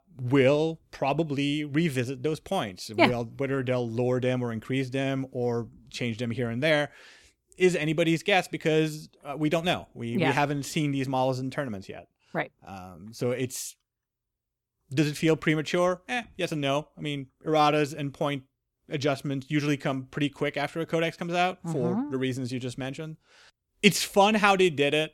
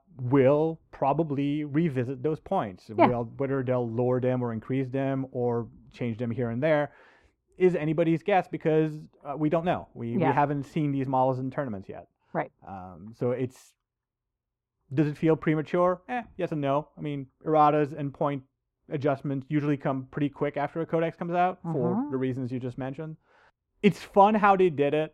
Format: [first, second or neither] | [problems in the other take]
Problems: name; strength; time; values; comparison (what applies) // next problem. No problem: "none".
first | muffled; very; fading above 2.5 kHz